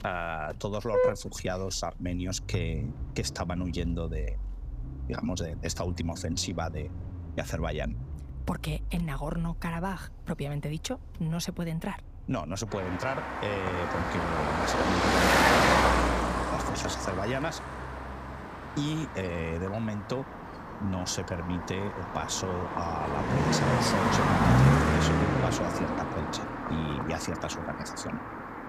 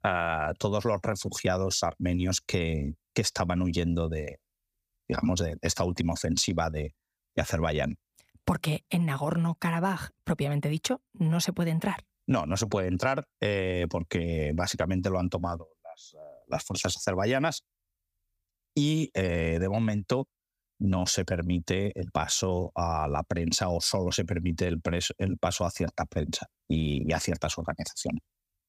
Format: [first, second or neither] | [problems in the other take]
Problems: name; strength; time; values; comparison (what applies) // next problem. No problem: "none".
second | traffic noise; very loud; throughout; 4 dB above the speech